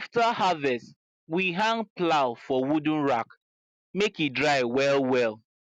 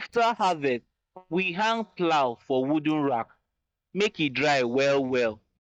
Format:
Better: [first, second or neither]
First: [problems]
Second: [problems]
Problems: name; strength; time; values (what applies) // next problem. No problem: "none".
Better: first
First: none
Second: noise reduction (neural mask model DeepFilterNet 3)